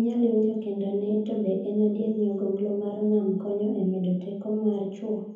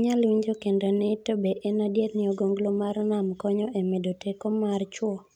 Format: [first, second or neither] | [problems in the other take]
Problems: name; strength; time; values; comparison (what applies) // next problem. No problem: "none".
second | room echo; dies away in 0.7 s